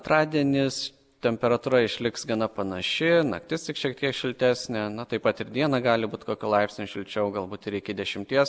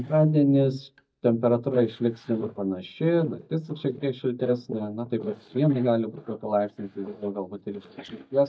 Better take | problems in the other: first | noise reduction (neural mask model DeepFilterNet 3)

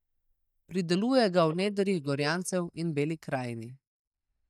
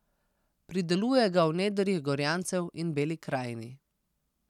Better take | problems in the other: second | noise reduction (neural mask model DeepFilterNet 3)

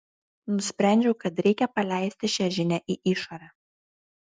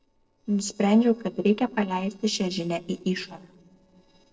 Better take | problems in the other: first | noise reduction (neural separator model SepFormer DNS4)

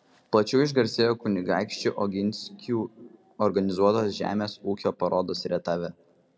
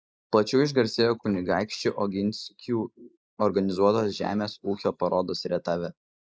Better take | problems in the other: first | noise reduction (neural mask model Resemble Enhance denoiser)

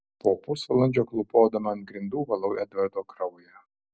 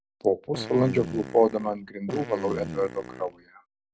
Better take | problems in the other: first | background sound (Fart); 10 dB below the speech

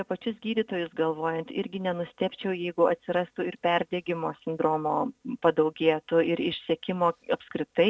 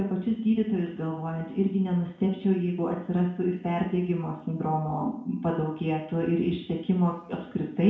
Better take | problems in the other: first | room echo; dies away in 0.5 s

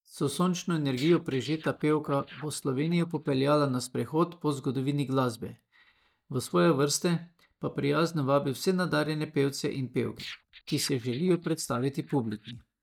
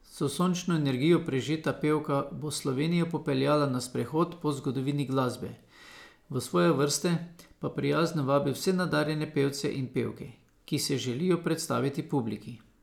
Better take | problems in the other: second | noise reduction (neural mask model DeepFilterNet 3)

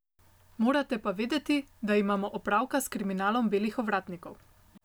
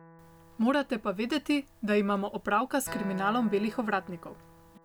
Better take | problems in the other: first | background sound (Acoustic guitar); 18 dB below the speech

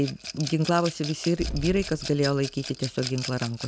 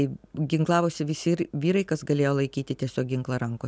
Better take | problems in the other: second | background sound (Boom + Rattle / Glass); 10 dB below the speech

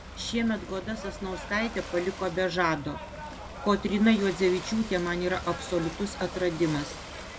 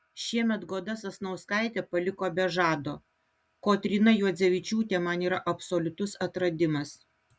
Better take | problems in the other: second | background sound (Ocean / Boat, Water vehicle); 11 dB below the speech

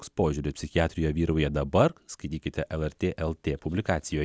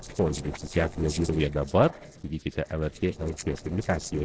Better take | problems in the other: first | noise reduction (neural separator model SepFormer DNS4)

